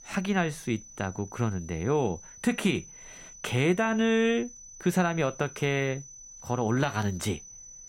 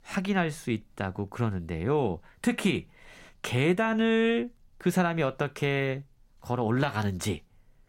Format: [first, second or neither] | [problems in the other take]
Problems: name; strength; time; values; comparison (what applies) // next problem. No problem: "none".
second | high-pitched whine; noticeable; throughout; 6 kHz, 15 dB below the speech